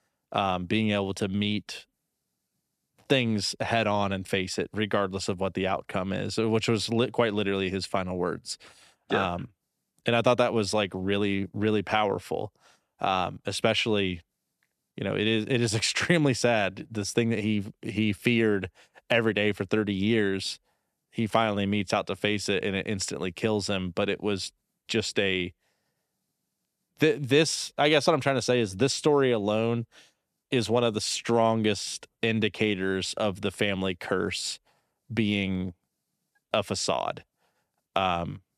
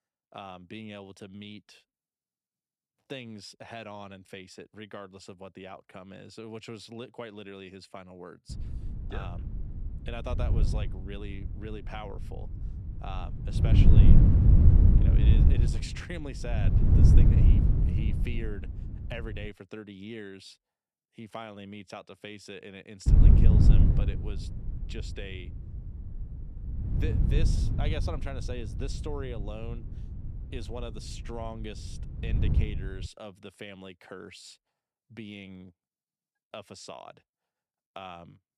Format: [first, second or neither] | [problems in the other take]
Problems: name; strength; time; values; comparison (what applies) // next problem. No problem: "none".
first | wind noise on the microphone; heavy; from 8.5 to 19 s and from 23 to 33 s; 5 dB above the speech